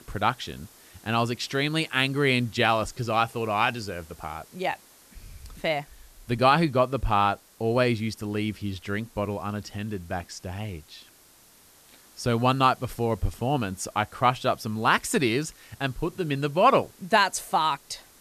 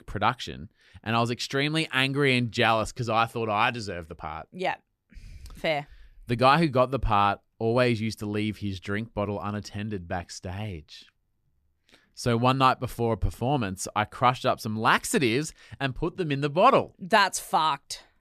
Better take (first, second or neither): second